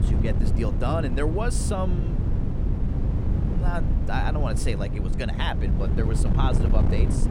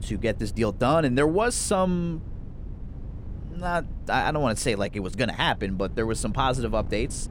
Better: second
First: wind noise on the microphone; heavy; 5 dB below the speech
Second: wind noise on the microphone; occasional gusts; 25 dB below the speech

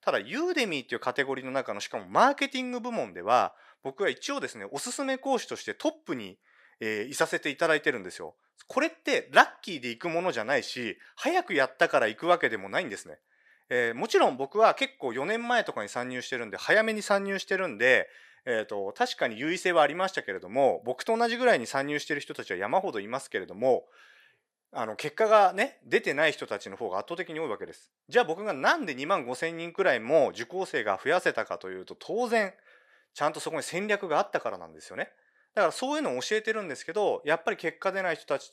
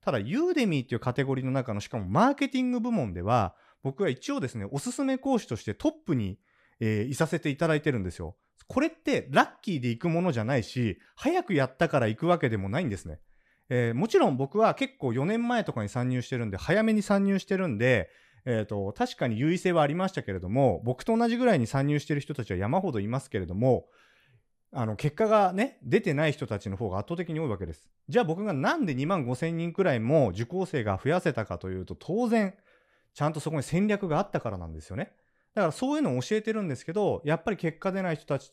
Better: second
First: thin; somewhat; fading below 450 Hz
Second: none

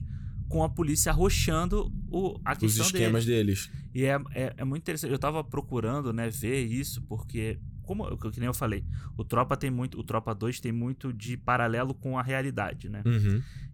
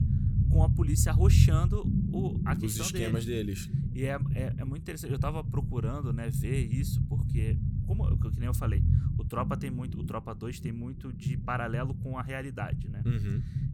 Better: first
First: low rumble; faint; throughout; 20 dB below the speech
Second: low rumble; loud; throughout; 4 dB below the speech

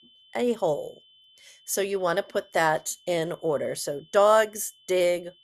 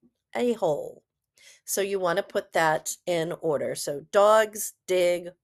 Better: second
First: high-pitched whine; faint; throughout; 3 kHz, 30 dB below the speech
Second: none

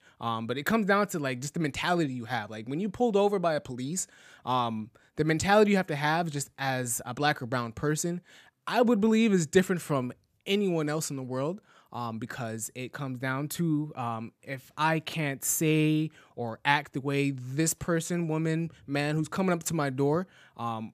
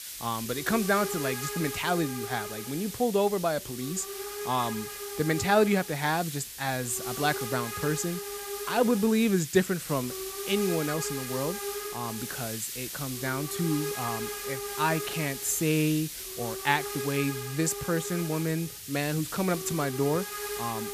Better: first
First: none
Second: hiss; loud; throughout; 6 dB below the speech

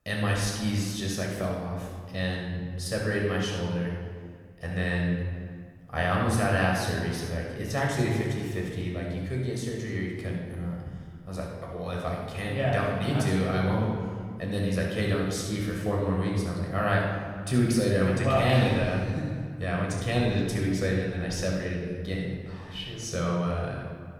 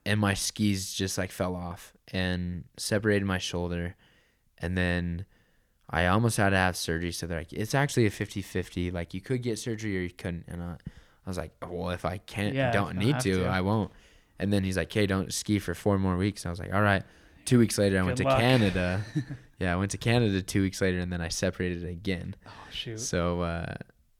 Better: second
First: off-mic speech; far // room echo; noticeable; dies away in 1.7 s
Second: none

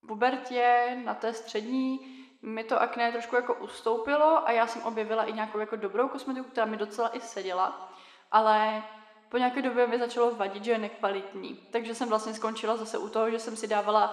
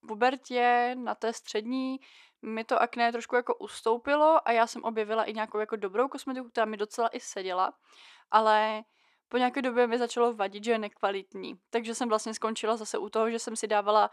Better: second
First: room echo; very slight; dies away in 1.3 s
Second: none

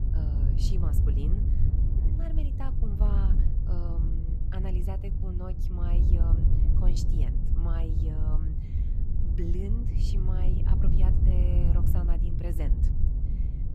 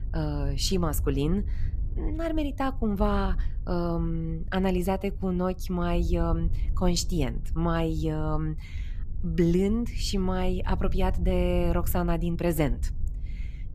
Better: second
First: wind noise on the microphone; heavy; 1 dB above the speech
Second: wind noise on the microphone; occasional gusts; 20 dB below the speech

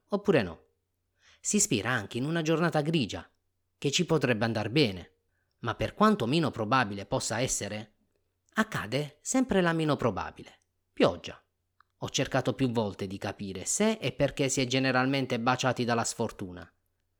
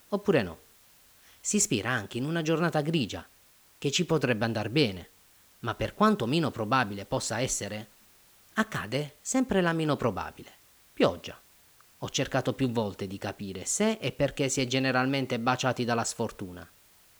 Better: first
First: none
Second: hiss; faint; throughout; 30 dB below the speech

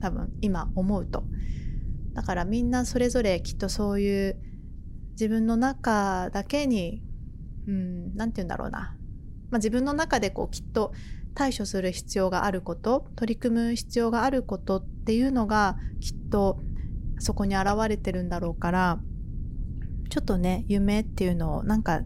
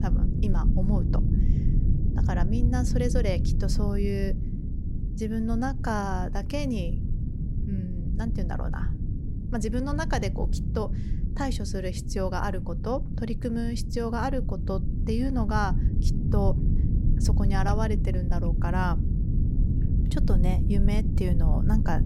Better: first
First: low rumble; faint; throughout; 25 dB below the speech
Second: low rumble; loud; throughout; 7 dB below the speech

